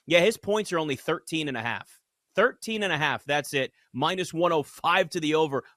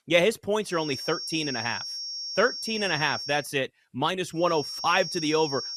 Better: first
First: none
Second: high-pitched whine; loud; from 1 to 3.5 s and from 4.5 s on; 5.5 kHz, 6 dB below the speech

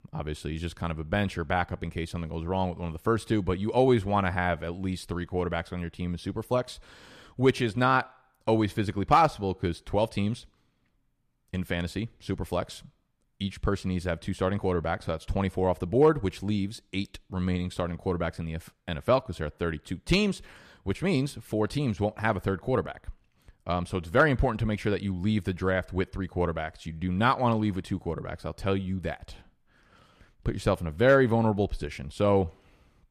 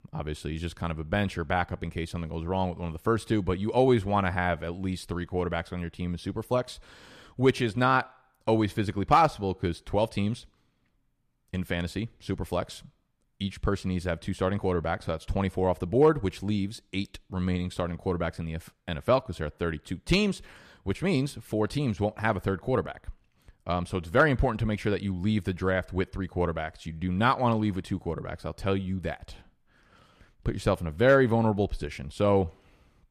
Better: neither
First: none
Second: none

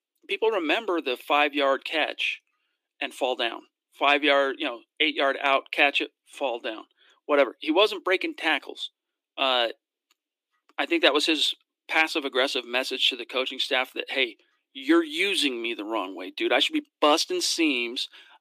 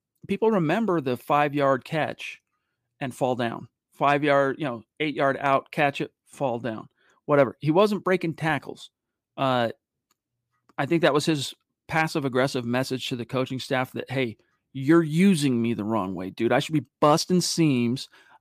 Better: second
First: thin; somewhat; fading below 300 Hz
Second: none

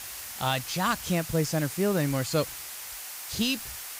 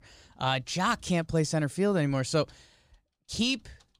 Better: second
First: hiss; loud; throughout; 8 dB below the speech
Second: none

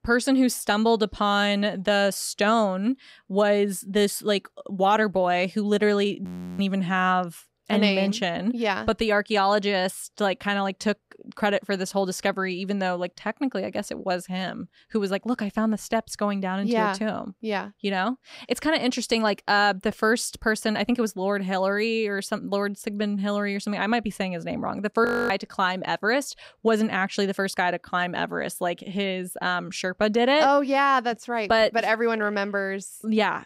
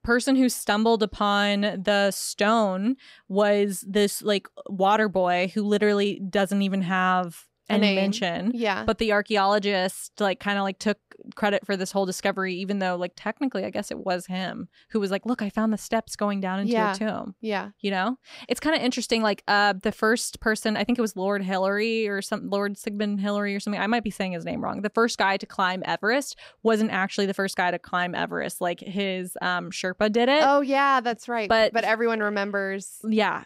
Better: second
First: audio freezing; at 6.5 s and at 25 s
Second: none

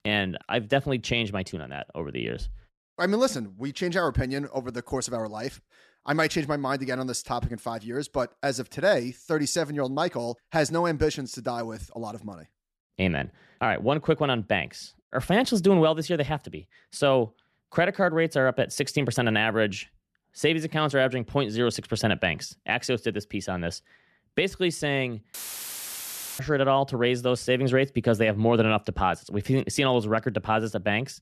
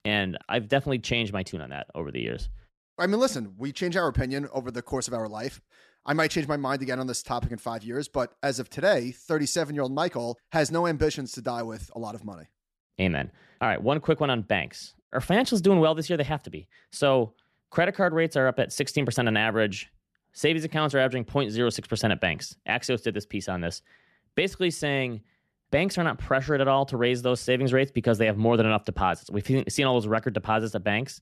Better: second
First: audio cutting out; filled with static; at 25 s for 1 s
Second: none

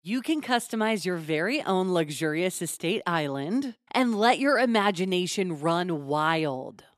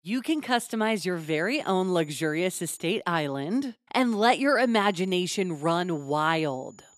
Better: first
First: none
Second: high-pitched whine; faint; from 1 to 3 s and from 4.5 s on; 7 kHz, 30 dB below the speech

